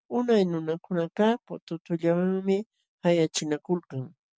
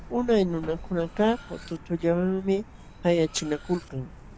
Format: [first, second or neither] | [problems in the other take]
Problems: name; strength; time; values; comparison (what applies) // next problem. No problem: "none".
first | background sound (Cutlery, silverware + Truck); 16 dB below the speech